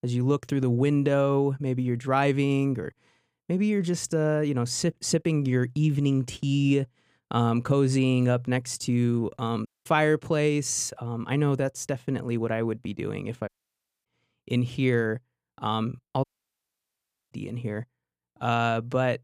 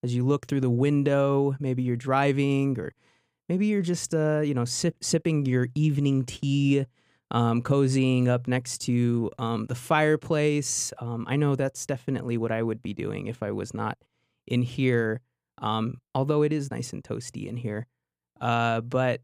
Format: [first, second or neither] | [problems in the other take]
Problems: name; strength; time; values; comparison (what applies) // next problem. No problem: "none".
second | audio cutting out; at 9.5 s, at 13 s for 0.5 s and at 16 s for 1 s